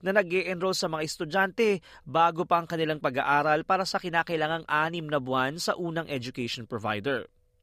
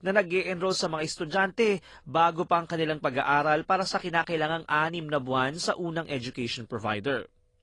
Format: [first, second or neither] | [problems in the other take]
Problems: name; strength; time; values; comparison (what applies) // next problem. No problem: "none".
first | garbled, watery; slightly